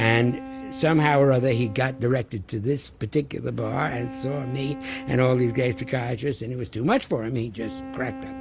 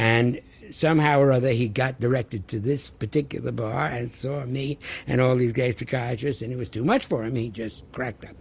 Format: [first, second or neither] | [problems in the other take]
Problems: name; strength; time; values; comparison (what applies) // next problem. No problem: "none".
second | background sound (Wind instrument, woodwind instrument); 14 dB below the speech